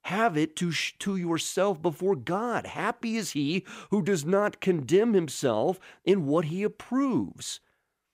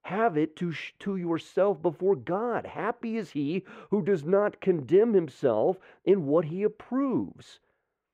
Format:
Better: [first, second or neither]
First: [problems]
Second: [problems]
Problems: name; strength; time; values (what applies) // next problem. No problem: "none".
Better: first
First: none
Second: muffled; very; fading above 4 kHz